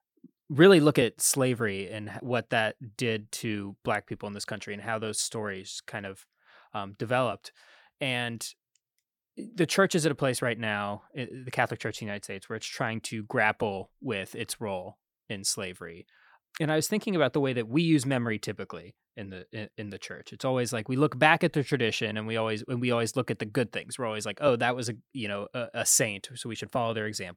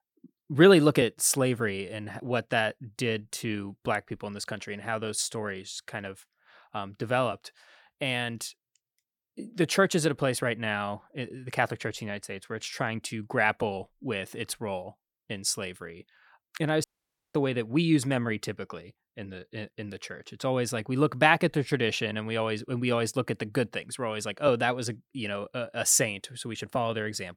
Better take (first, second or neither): first